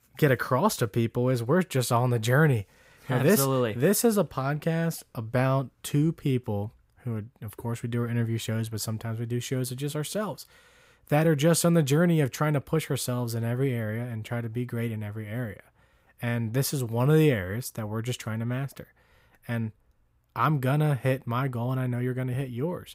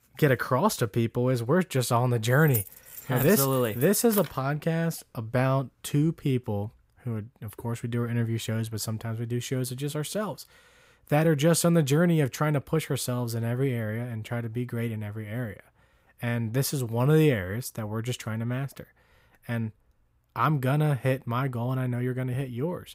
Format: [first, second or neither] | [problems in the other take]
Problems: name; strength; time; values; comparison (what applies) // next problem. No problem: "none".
first | jangling keys; noticeable; from 2.5 to 4.5 s; peak 5 dB below the speech